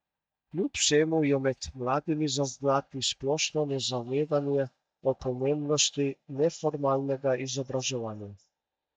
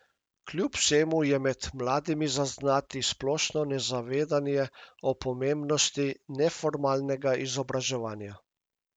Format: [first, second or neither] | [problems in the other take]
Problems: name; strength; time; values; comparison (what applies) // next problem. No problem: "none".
second | noise reduction (neural mask model DeepFilterNet 3)